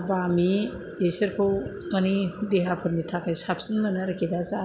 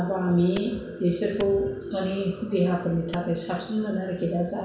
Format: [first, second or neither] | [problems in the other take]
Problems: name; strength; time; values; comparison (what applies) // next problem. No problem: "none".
first | background sound (Clapping); 16 dB below the speech // room echo; dies away in 0.7 s